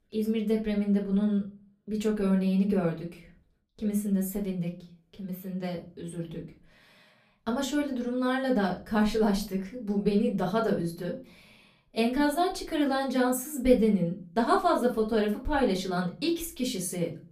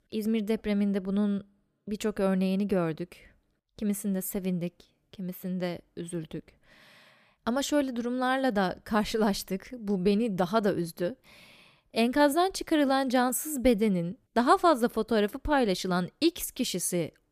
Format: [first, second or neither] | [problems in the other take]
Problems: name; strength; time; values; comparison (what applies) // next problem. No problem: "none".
second | off-mic speech; far // room echo; very slight; dies away in 0.3 s